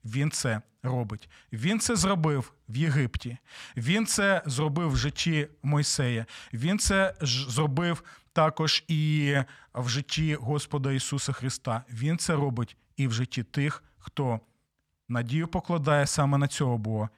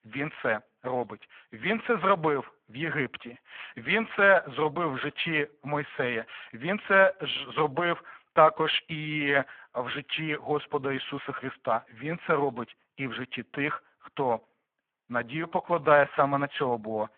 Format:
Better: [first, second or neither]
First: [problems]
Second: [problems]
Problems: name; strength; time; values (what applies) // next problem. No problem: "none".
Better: first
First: none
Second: phone-call audio; poor line